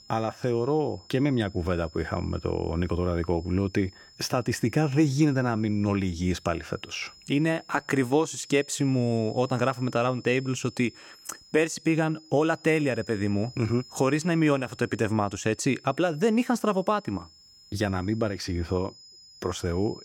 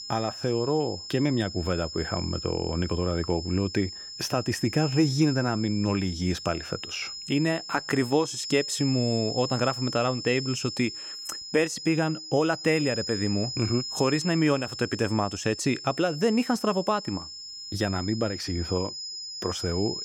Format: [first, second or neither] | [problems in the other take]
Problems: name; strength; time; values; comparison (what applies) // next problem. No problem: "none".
first | high-pitched whine; loud; throughout; 5 kHz, 8 dB below the speech; faint in the first